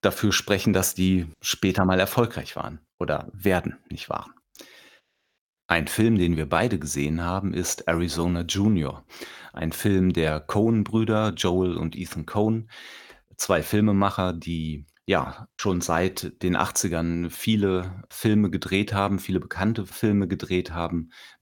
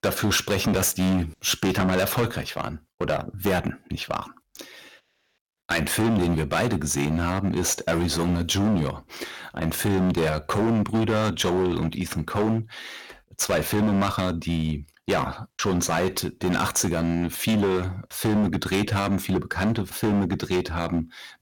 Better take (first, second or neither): first